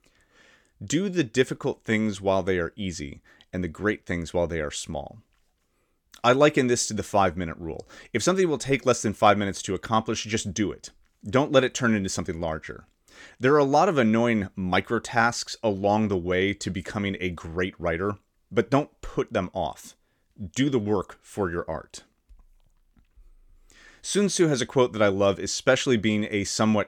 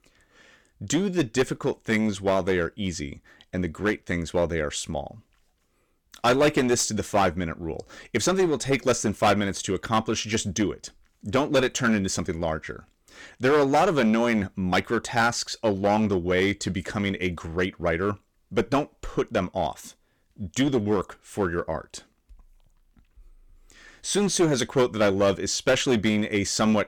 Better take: first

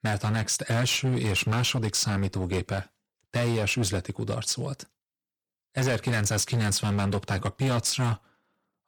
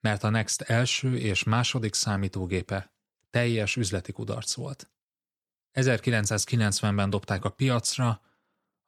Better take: second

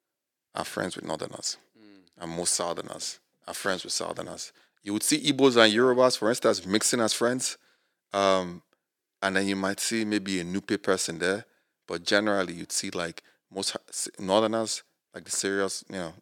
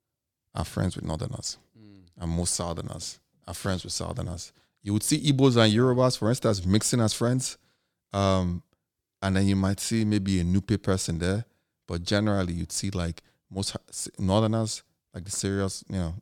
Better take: second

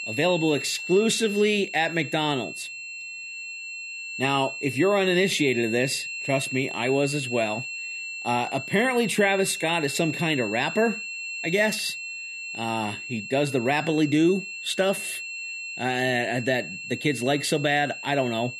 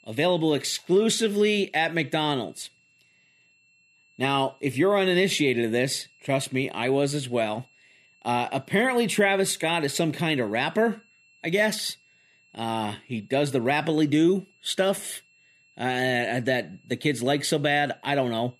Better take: second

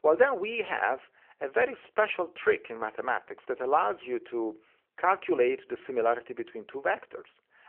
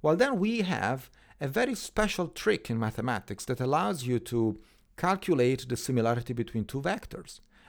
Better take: second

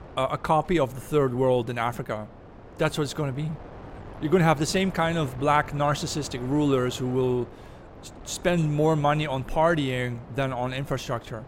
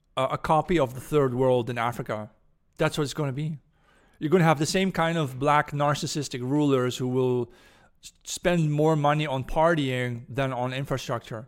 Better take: second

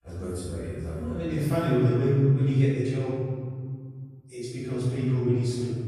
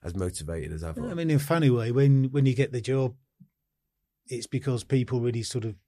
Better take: second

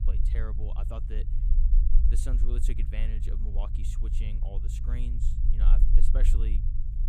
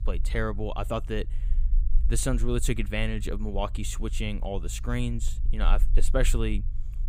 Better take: second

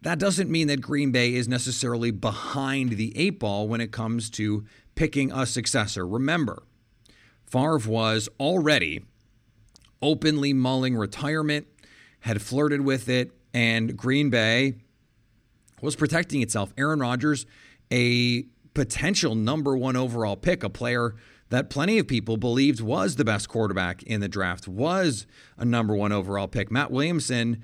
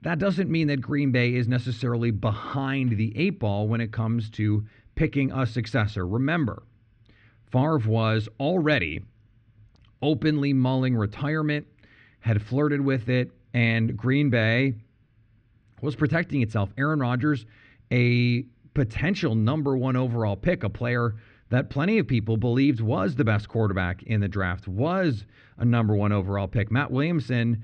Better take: first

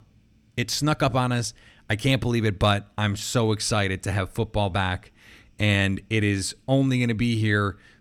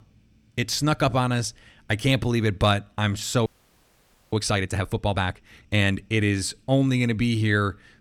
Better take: first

